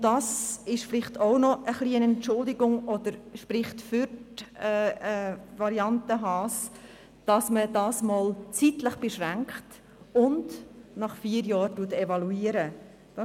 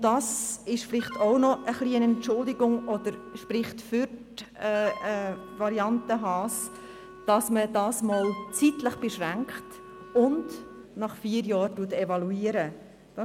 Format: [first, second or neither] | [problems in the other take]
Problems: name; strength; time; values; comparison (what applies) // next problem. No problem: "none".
first | background sound (Wind instrument, woodwind instrument); 17 dB below the speech